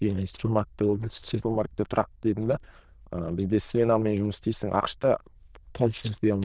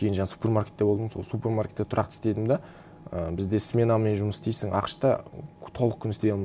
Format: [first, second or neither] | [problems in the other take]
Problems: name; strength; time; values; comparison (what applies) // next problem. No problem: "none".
second | noise reduction (neural diffusion model UNIVERSE++)